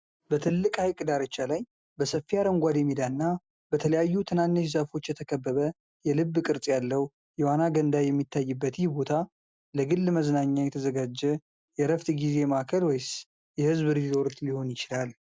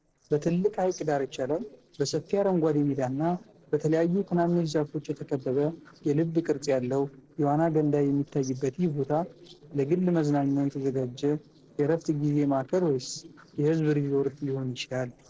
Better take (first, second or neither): first